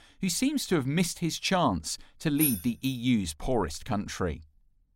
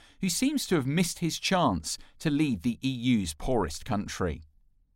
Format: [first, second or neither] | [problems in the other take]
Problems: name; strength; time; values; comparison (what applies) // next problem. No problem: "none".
second | jangling keys; loud; at 2.5 s; peak level with the speech